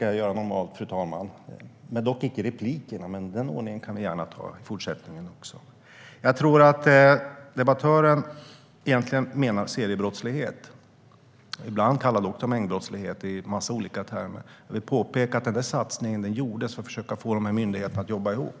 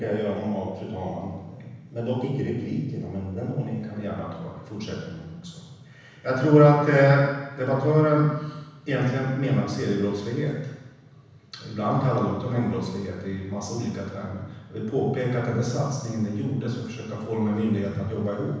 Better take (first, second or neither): first